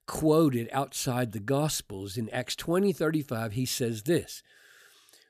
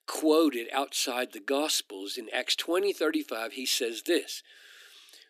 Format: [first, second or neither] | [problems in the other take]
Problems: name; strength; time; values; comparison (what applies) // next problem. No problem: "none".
first | thin; somewhat; fading below 300 Hz